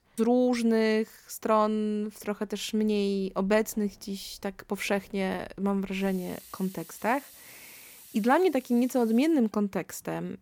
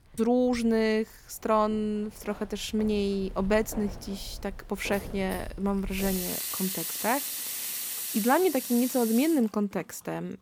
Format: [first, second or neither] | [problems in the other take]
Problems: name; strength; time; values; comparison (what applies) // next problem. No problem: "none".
first | household noises; loud; throughout; 6 dB below the speech; faint in the first